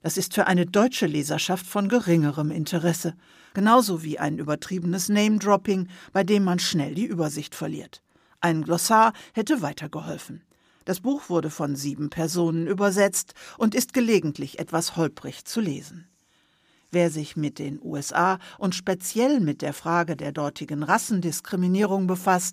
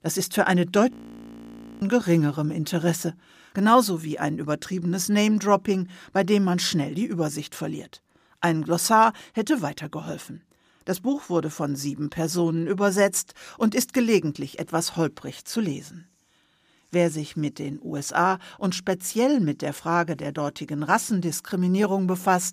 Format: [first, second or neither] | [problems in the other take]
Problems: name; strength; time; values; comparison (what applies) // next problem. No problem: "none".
first | audio freezing; at 1 s for 1 s